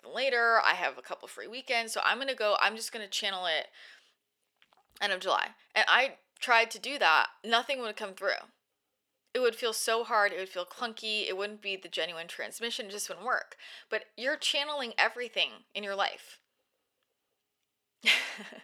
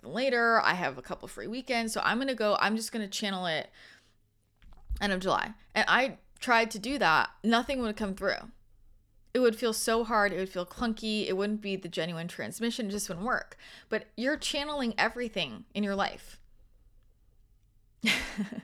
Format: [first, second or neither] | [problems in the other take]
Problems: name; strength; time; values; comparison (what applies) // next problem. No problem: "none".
second | thin; very; fading below 550 Hz